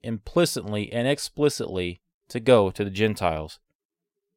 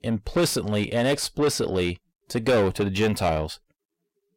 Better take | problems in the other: first | distortion; heavy; 6 dB below the speech

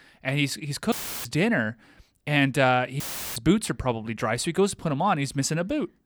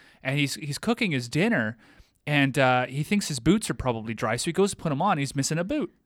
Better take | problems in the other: second | audio cutting out; filled with static; at 1 s and at 3 s

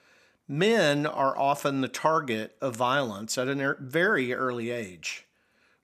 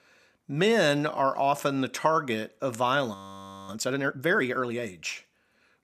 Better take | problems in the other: first | audio freezing; at 3 s for 0.5 s

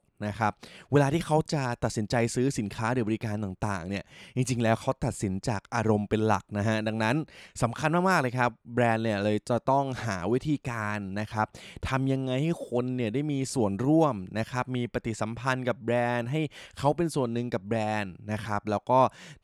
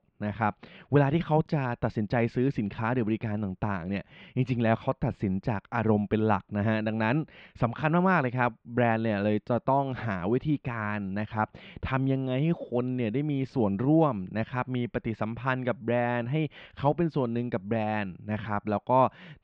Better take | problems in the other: first | muffled; very; fading above 3.5 kHz

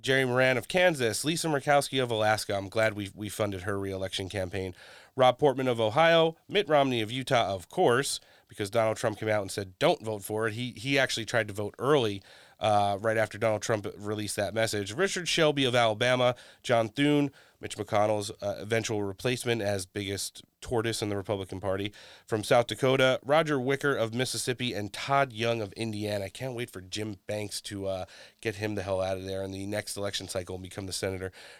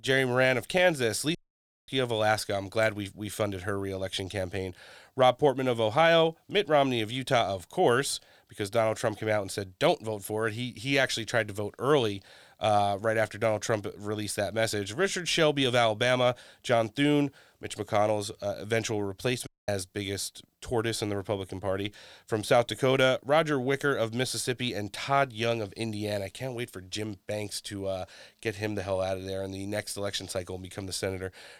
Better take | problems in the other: first | audio cutting out; at 1.5 s for 0.5 s and at 19 s

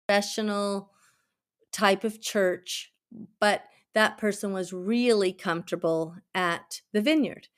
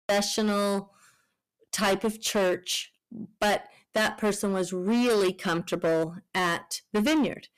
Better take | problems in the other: first | distortion; heavy; 14% of the sound clipped

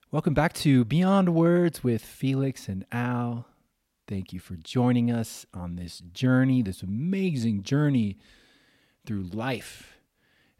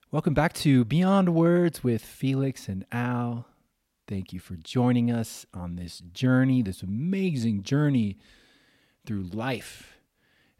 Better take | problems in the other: neither | none

